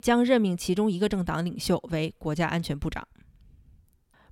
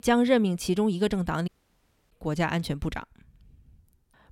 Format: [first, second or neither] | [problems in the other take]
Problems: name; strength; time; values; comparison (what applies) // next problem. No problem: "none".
first | audio cutting out; at 1.5 s for 0.5 s